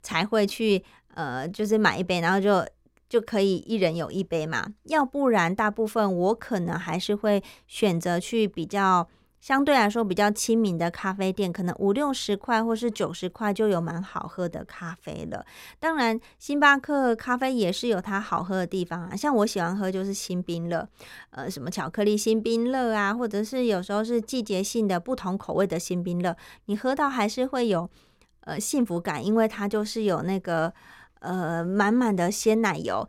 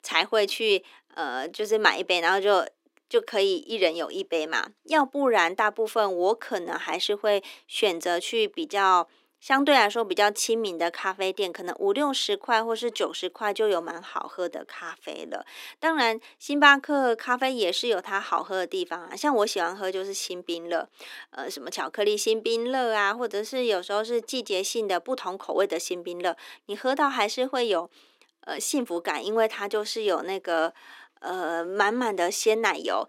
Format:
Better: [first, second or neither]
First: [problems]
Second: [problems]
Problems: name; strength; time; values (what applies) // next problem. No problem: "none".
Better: first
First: none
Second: thin; somewhat; fading below 300 Hz